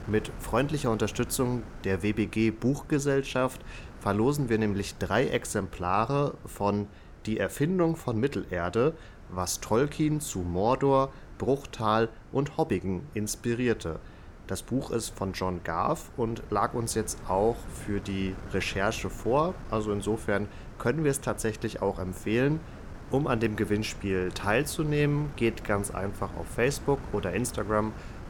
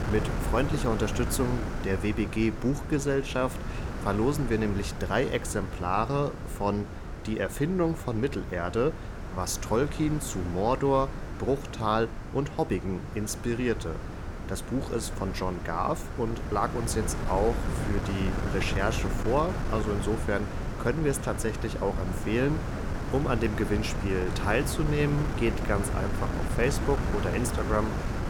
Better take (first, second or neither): first